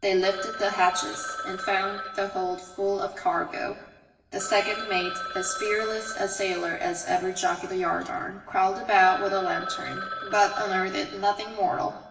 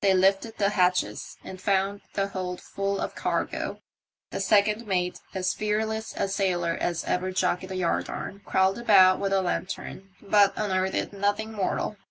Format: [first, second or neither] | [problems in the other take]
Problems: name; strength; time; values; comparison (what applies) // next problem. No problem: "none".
second | background sound (Telephone); 10 dB below the speech // room echo; dies away in 1.1 s